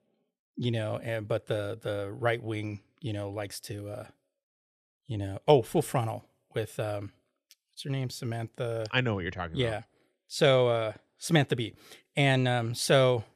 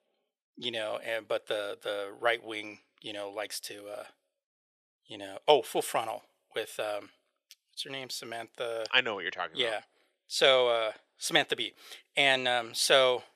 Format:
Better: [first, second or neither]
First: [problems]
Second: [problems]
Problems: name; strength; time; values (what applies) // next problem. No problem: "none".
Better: first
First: none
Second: thin; very; fading below 550 Hz